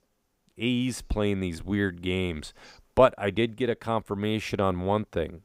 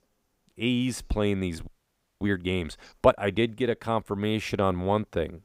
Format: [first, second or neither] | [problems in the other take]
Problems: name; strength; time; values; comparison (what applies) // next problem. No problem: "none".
first | audio freezing; at 1.5 s for 0.5 s